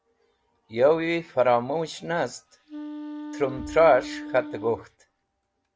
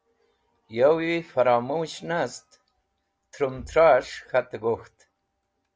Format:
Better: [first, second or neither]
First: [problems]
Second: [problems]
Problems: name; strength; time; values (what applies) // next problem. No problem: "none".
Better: second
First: background sound (Wind instrument, woodwind instrument); 12 dB below the speech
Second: none